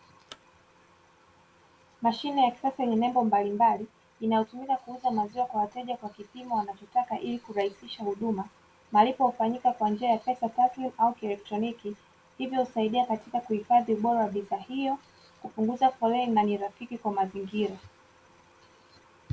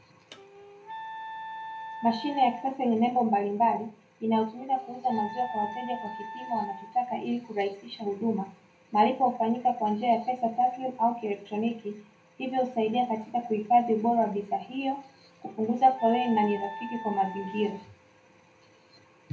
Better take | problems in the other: first | background sound (Wind instrument, woodwind instrument); 13 dB below the speech // room echo; dies away in 0.3 s

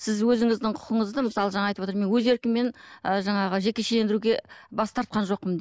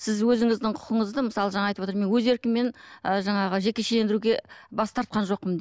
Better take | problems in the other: second | noise reduction (neural mask model Resemble Enhance denoiser)

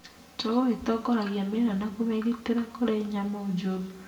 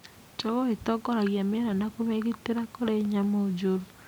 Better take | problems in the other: second | room echo; dies away in 0.6 s

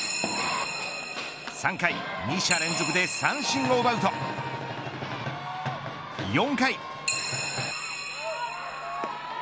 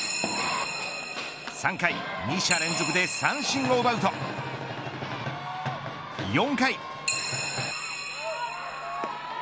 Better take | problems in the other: second | background sound (Wind instrument, woodwind instrument); 13 dB below the speech

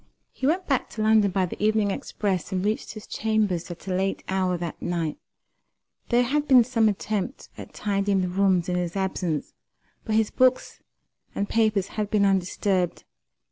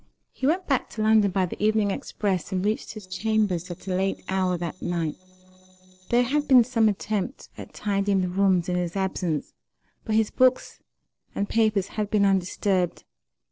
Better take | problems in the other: first | noise reduction (neural separator model SepFormer DNS4)

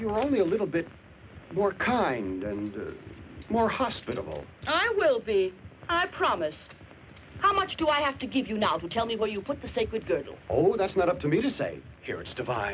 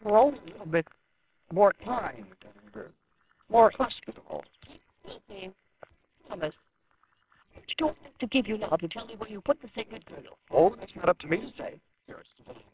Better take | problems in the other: first | noise reduction (neural separator model SepFormer WHAMR!)

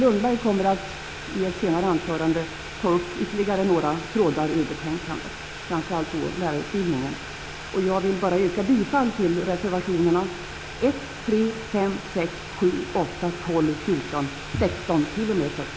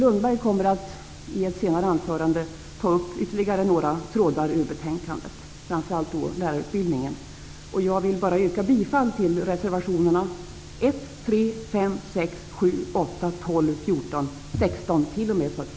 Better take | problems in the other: second | background sound (Boiling); 13 dB below the speech

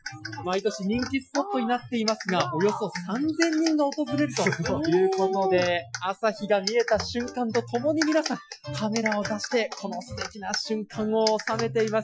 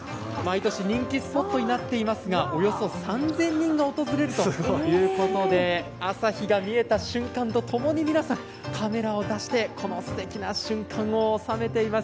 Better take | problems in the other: second | noise reduction (classical method Wiener filter)

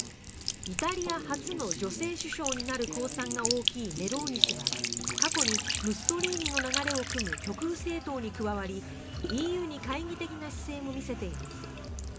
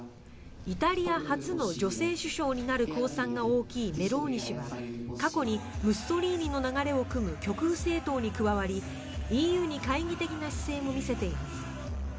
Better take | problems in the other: second | background sound (Trickle, dribble / Sink (filling or washing)); 1 dB below the speech

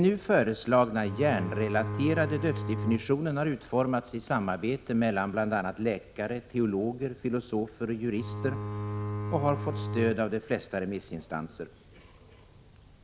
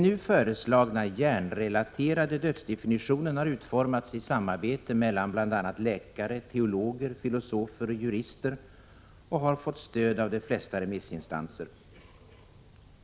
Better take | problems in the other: second | background sound (Bowed string instrument); 5 dB below the speech

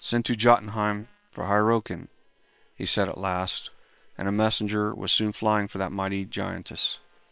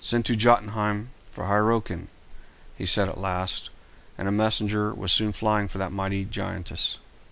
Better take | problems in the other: second | noise reduction (neural separator model SepFormer WHAM!)

